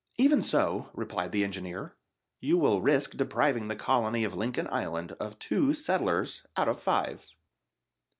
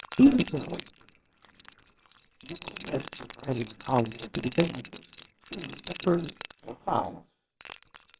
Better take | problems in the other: first | noise reduction (neural separator model SepFormer WHAMR!)

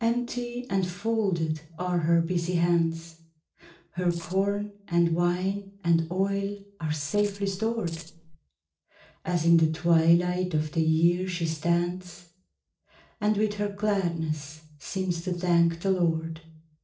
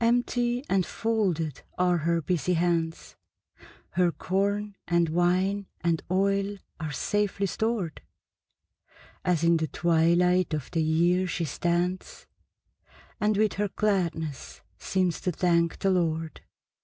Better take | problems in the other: second | noise reduction (neural separator model SepFormer DNS4)

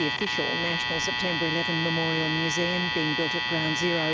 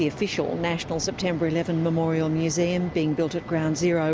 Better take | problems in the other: second | background sound (Alarm); 1 dB above the speech

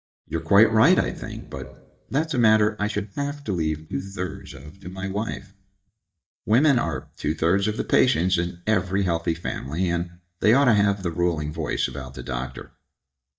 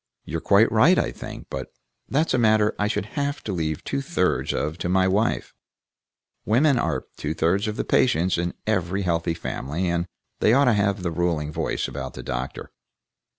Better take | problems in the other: second | noise reduction (neural mask model DeepFilterNet 3)

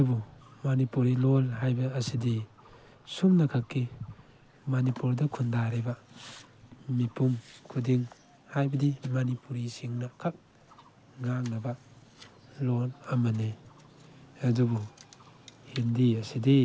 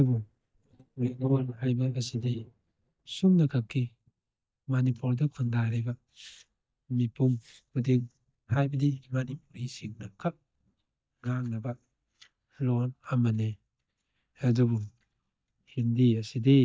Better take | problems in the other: first | noise reduction (neural mask model DeepFilterNet 3)

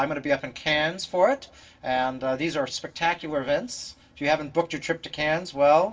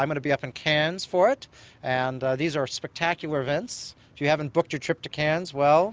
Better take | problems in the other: second | room echo; dies away in 0.2 s

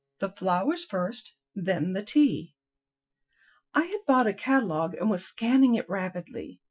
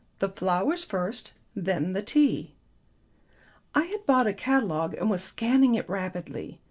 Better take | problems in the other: second | noise reduction (classical method Wiener filter)

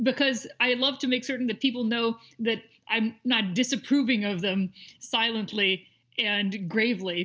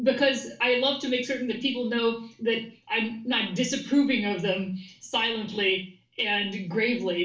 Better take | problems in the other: first | room echo; dies away in 0.3 s

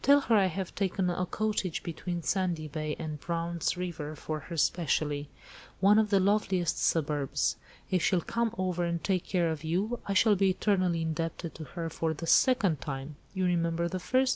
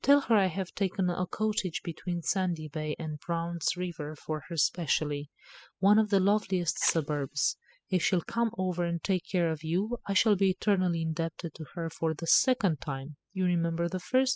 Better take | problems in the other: first | noise reduction (classical method spectral subtraction)

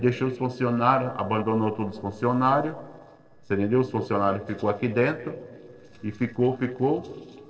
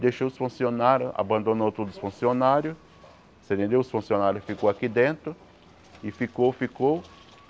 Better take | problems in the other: second | noise reduction (neural separator model SepFormer DNS4)

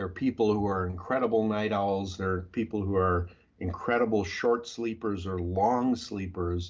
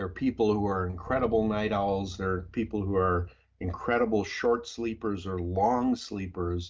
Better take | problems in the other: first | noise reduction (neural mask model RNNoise)

